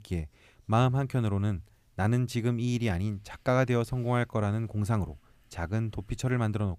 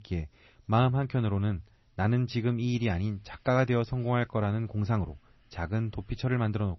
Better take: first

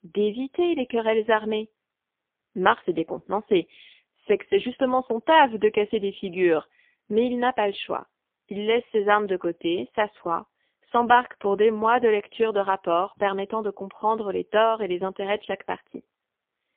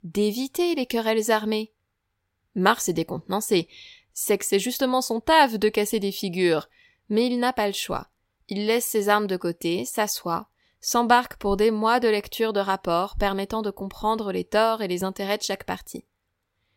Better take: second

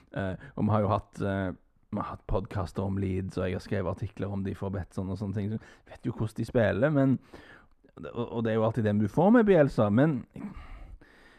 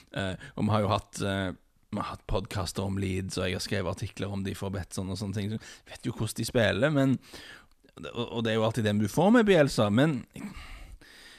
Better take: second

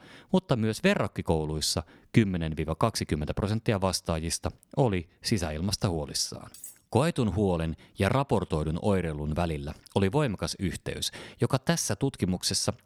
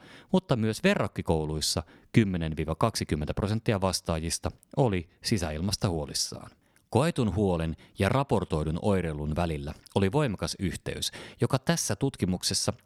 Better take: second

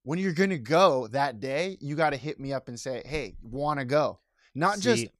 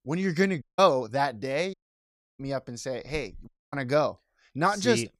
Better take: first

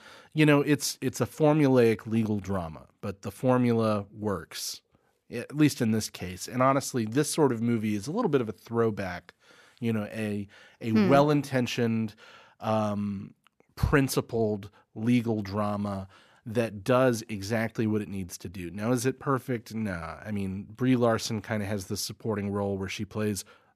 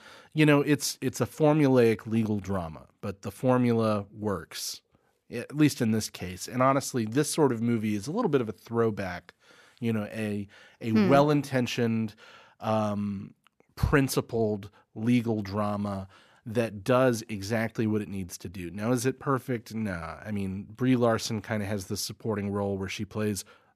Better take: neither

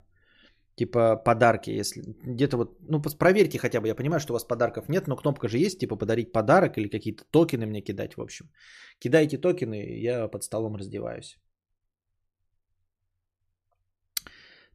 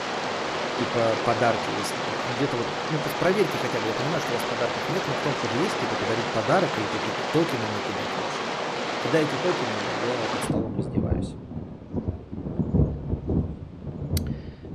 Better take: first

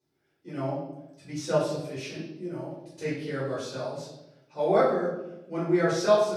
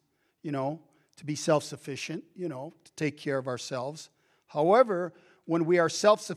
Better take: second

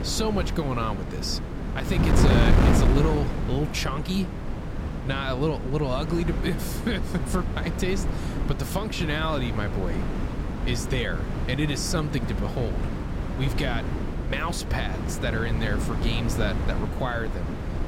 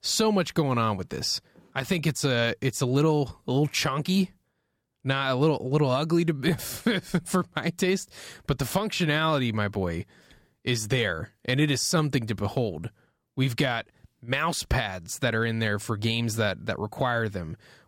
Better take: second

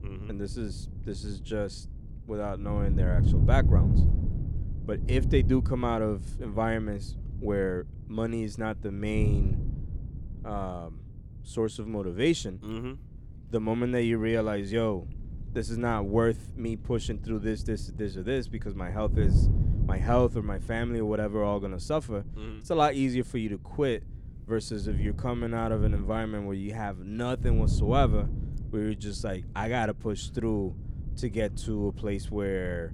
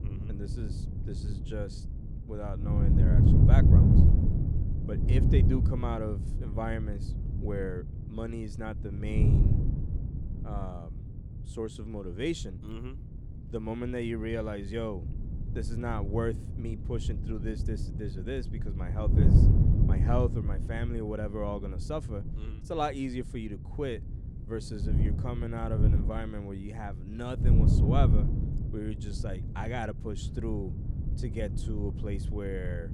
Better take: first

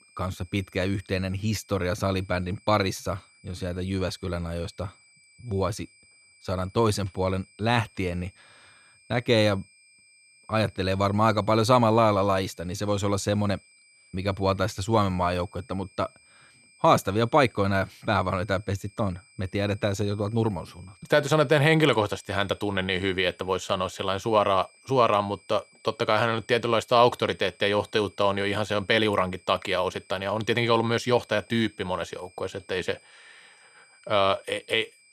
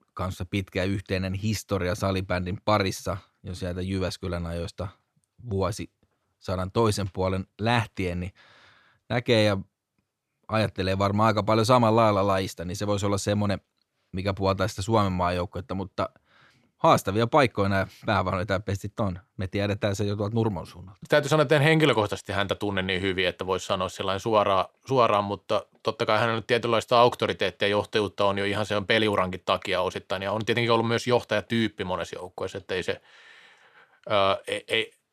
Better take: second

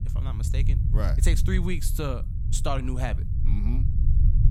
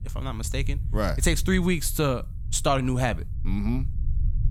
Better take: second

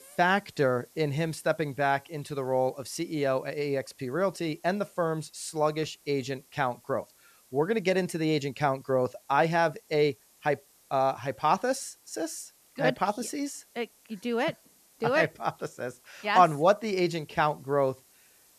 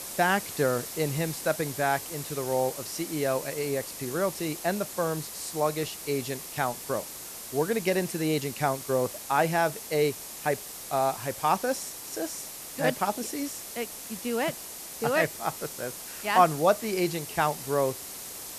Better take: first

